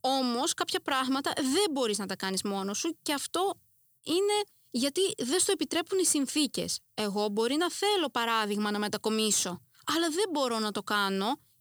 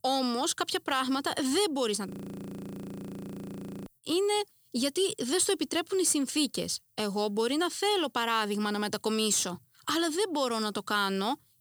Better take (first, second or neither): first